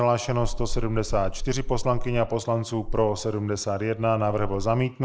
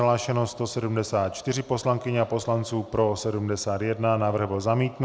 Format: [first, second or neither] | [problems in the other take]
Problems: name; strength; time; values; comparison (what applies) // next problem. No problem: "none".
second | noise reduction (neural mask model Resemble Enhance denoiser)